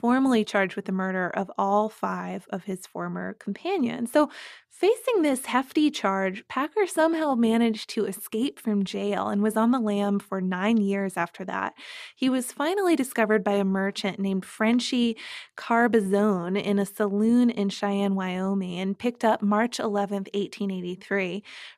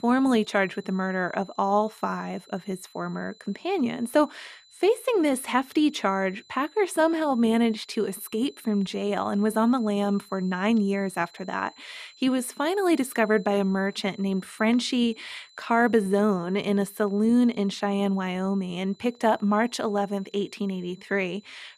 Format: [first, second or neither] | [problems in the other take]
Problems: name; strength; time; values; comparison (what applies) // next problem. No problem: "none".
first | high-pitched whine; faint; throughout; 4 kHz, 25 dB below the speech